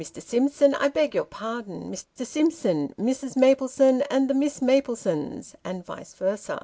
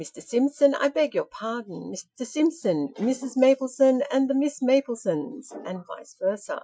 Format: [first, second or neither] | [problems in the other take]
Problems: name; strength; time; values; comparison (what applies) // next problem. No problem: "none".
first | noise reduction (classical method Wiener filter)